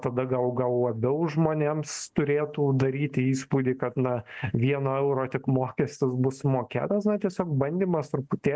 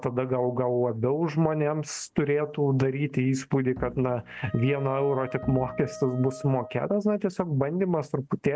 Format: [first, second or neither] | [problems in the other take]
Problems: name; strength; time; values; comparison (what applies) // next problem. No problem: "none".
first | background sound (Wind instrument, woodwind instrument + Bowed string instrument); 15 dB below the speech